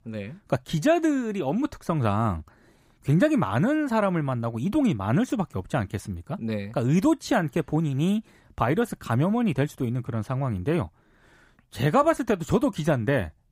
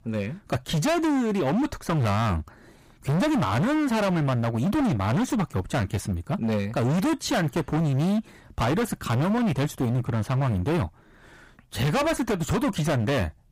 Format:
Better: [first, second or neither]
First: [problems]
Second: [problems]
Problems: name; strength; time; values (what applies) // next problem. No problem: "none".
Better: first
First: none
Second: distortion; heavy; 28% of the sound clipped